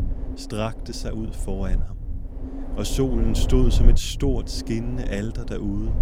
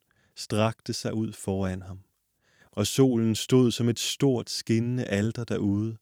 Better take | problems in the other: second | wind noise on the microphone; heavy; 10 dB below the speech

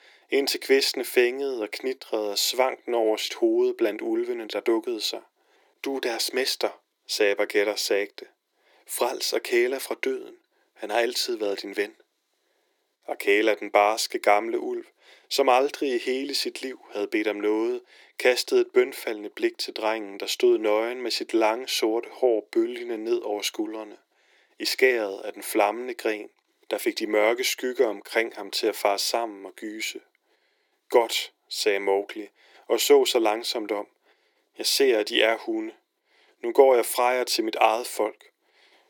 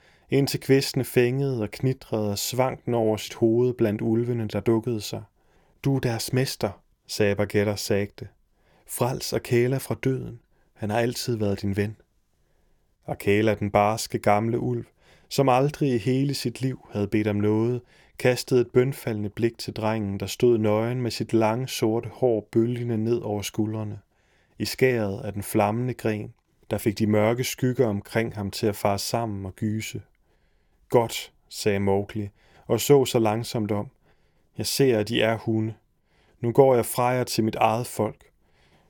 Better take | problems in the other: second | thin; very; fading below 300 Hz

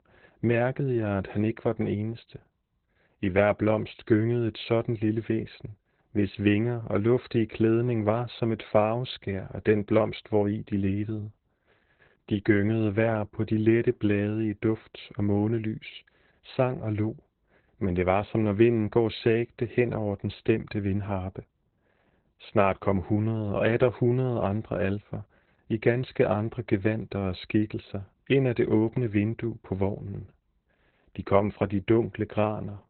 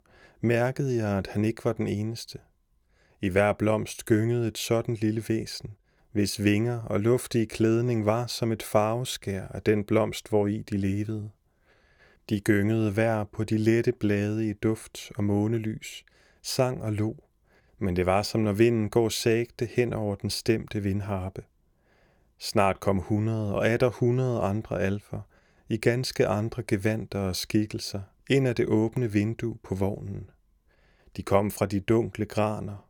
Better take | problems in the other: second | garbled, watery; badly; nothing above 4 kHz

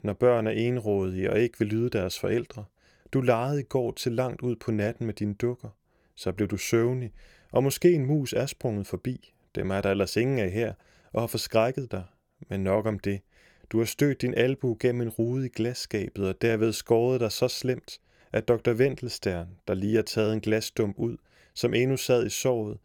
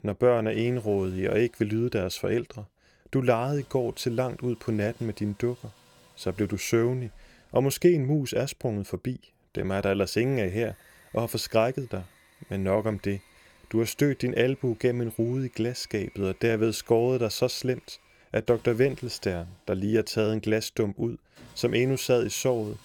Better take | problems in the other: first | machinery noise; faint; throughout; 30 dB below the speech

